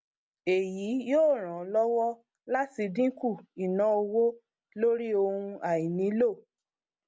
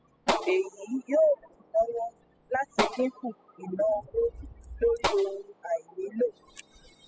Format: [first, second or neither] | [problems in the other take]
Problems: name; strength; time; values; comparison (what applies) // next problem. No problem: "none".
first | noise reduction (classical method spectral subtraction)